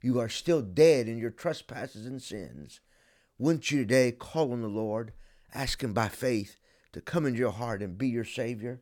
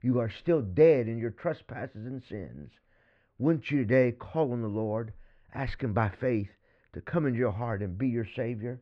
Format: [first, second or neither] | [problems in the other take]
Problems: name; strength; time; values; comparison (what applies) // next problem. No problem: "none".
first | muffled; very; fading above 2.5 kHz